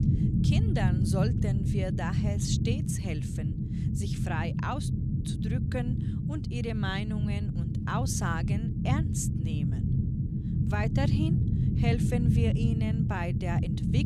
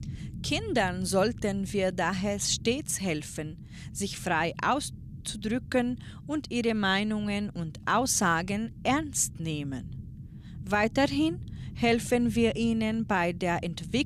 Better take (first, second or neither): second